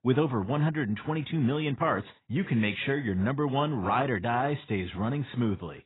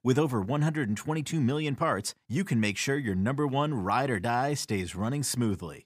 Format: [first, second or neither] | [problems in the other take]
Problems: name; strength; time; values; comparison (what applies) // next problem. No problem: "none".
second | garbled, watery; badly; nothing above 4 kHz